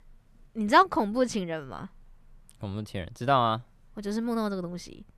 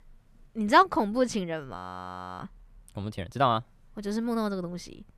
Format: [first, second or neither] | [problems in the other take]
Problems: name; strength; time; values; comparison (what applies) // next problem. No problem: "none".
first | audio freezing; at 2 s for 0.5 s